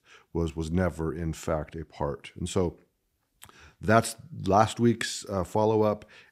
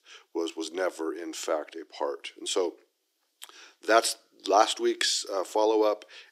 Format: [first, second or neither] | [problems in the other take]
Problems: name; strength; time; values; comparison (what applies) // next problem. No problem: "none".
first | thin; very; fading below 300 Hz